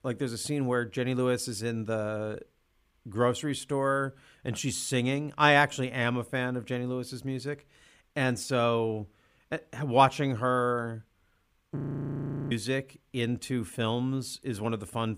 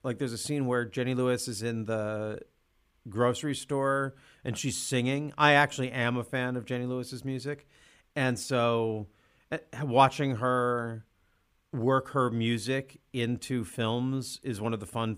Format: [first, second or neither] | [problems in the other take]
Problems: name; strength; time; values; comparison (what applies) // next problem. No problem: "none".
second | audio freezing; at 12 s for 0.5 s